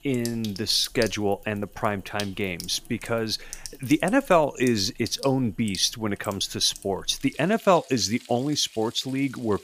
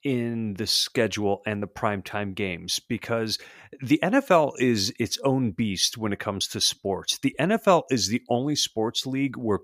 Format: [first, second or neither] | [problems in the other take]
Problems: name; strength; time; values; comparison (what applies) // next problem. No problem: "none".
second | household noises; noticeable; throughout; 15 dB below the speech